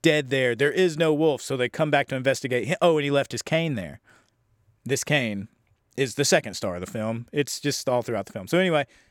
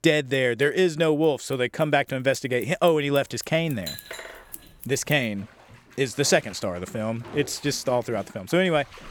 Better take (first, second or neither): first